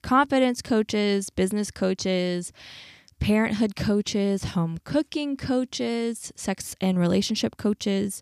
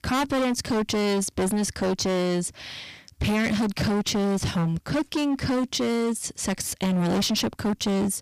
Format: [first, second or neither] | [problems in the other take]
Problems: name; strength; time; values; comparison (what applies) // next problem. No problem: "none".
first | distortion; heavy; 28% of the sound clipped